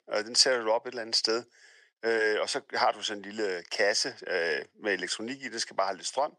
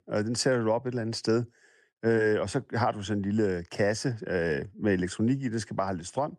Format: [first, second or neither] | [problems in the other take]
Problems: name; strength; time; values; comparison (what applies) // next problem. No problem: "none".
second | thin; very; fading below 600 Hz